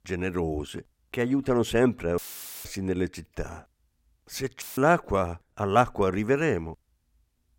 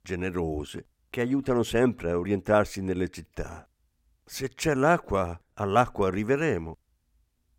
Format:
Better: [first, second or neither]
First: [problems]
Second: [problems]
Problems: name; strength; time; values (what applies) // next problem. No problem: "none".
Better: second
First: audio cutting out; filled with static; at 2 s and at 4.5 s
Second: none